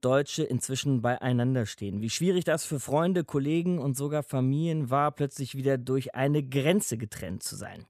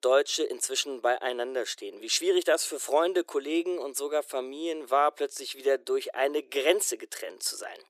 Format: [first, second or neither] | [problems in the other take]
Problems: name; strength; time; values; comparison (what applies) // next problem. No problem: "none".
first | thin; very; fading below 350 Hz